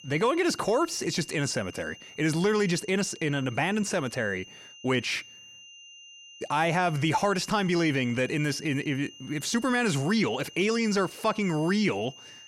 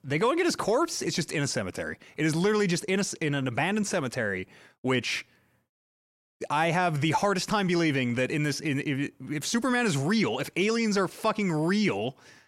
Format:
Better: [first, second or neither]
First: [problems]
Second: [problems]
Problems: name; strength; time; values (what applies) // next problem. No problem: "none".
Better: second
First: high-pitched whine; noticeable; throughout; 3 kHz, 20 dB below the speech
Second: none